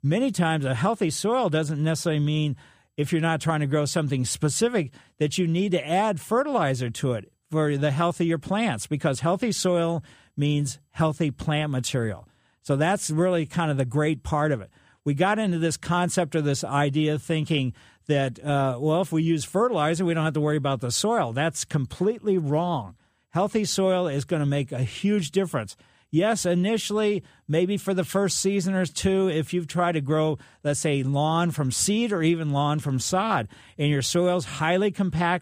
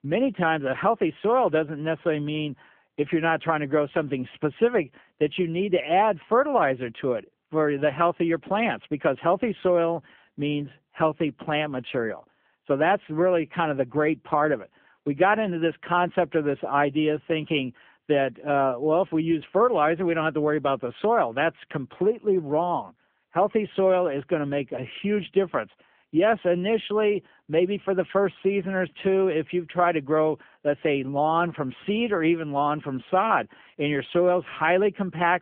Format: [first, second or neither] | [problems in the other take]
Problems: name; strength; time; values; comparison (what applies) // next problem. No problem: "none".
first | phone-call audio; nothing above 3.5 kHz